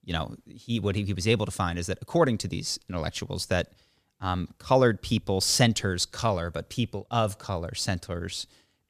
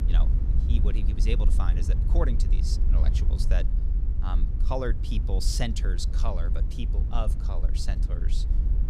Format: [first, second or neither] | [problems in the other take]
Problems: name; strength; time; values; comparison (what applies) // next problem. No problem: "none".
first | low rumble; loud; throughout; 8 dB below the speech